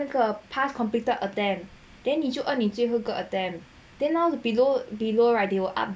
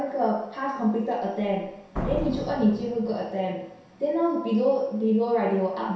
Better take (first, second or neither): first